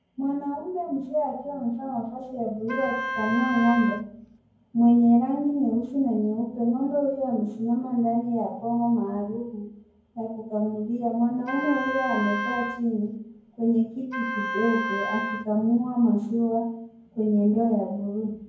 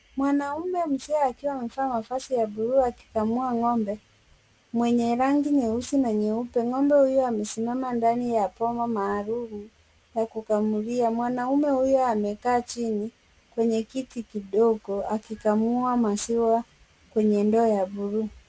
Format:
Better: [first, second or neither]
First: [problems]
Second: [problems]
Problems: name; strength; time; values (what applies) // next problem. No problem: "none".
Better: second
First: background sound (Wind instrument, woodwind instrument); 7 dB below the speech // room echo; dies away in 0.9 s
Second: none